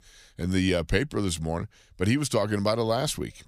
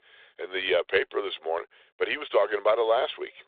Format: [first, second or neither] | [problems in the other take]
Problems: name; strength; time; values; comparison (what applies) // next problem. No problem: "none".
first | phone-call audio